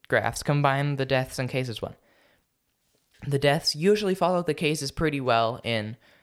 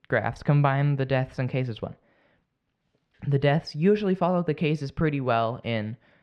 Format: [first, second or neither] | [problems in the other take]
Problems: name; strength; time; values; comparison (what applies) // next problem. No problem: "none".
first | muffled; slightly; fading above 2.5 kHz